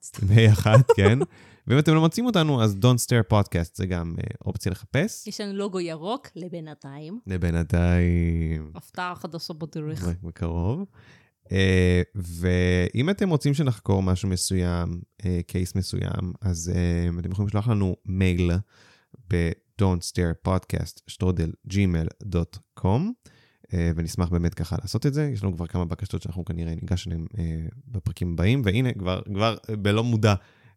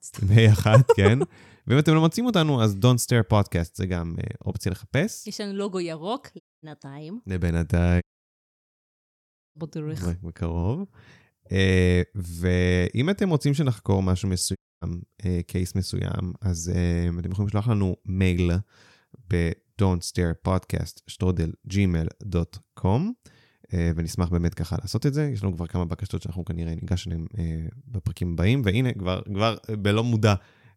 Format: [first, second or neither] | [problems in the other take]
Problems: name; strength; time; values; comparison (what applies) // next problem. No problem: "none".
first | audio cutting out; at 6.5 s, at 8 s for 1.5 s and at 15 s